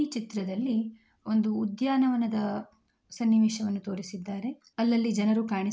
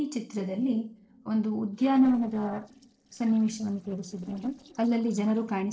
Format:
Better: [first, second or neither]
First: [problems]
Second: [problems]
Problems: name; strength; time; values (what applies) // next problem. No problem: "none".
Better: first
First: none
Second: noise reduction (neural separator model SepFormer DNS4)